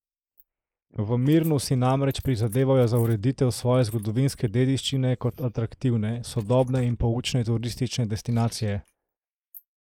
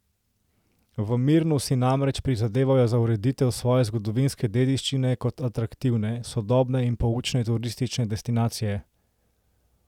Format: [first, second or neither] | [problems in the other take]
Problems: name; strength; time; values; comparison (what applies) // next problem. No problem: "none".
second | noise reduction (neural mask model Resemble Enhance denoiser)